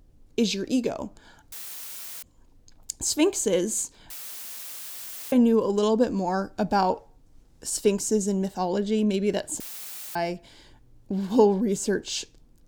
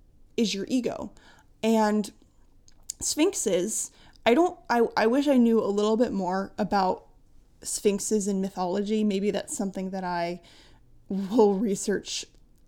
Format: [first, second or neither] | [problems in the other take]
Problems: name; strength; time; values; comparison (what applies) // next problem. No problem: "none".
second | audio cutting out; filled with static; at 1.5 s for 0.5 s, at 4 s for 1 s and at 9.5 s for 0.5 s